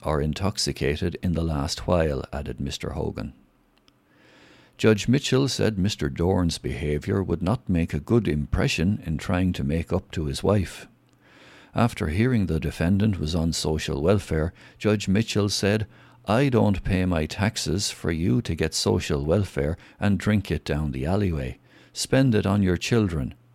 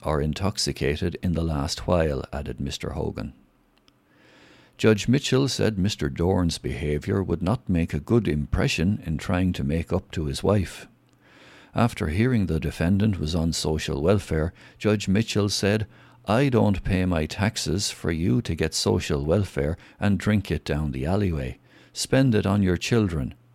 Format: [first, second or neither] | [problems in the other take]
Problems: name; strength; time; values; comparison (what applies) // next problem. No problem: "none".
neither | none